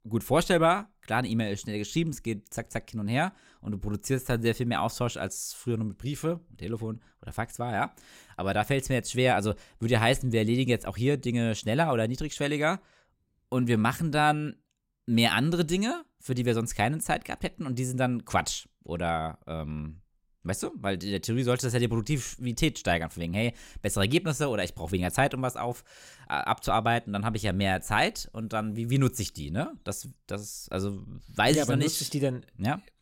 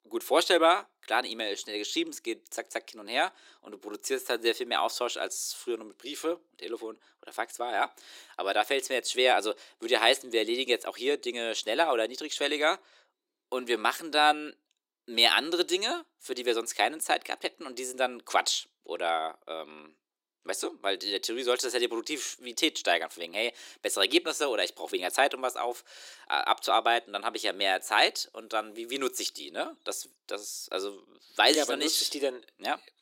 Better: first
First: none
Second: thin; very; fading below 350 Hz

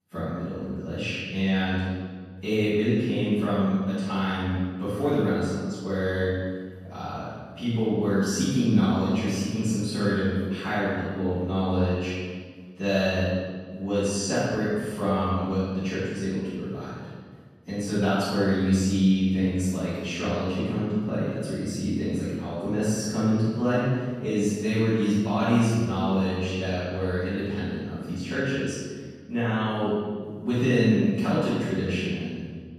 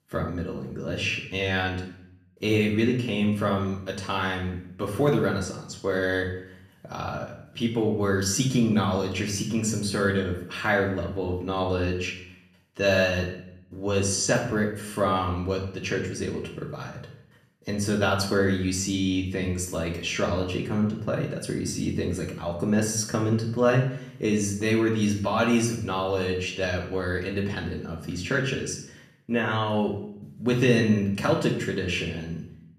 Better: second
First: room echo; strong; dies away in 1.6 s // off-mic speech; far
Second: room echo; slight; dies away in 0.6 s // off-mic speech; far

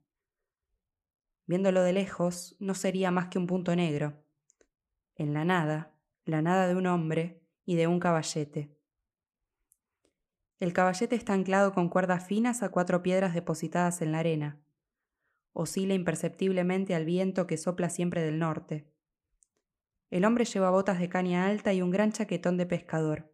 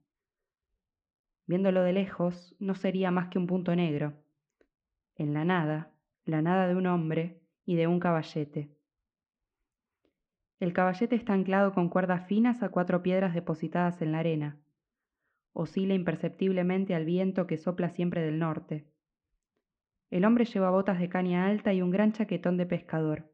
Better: first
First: none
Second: muffled; slightly; fading above 4 kHz

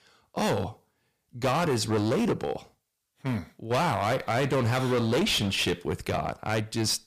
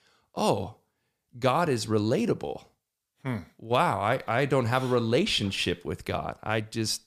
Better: second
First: distortion; heavy; 14% of the sound clipped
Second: none

